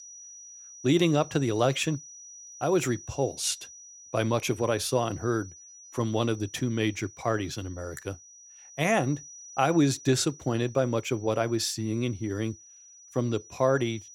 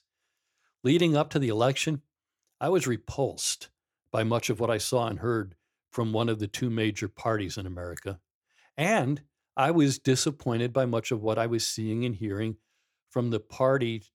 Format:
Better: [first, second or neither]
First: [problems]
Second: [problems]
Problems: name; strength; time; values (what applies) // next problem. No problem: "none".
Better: second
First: high-pitched whine; noticeable; throughout; 6 kHz, 20 dB below the speech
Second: none